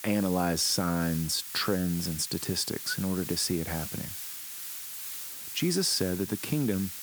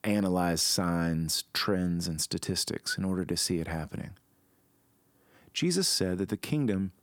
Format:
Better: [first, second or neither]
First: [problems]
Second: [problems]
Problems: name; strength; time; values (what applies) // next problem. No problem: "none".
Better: second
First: hiss; loud; throughout; 8 dB below the speech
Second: none